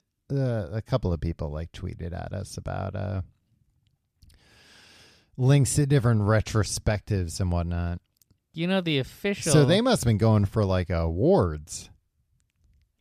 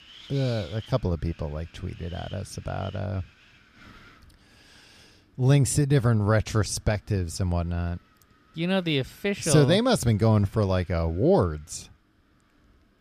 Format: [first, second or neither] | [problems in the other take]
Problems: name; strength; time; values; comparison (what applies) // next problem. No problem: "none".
first | wind noise on the microphone; occasional gusts; 20 dB below the speech